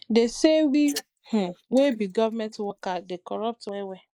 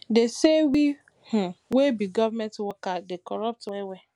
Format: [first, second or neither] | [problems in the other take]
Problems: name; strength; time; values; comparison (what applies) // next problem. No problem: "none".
second | noise reduction (neural mask model Resemble Enhance denoiser)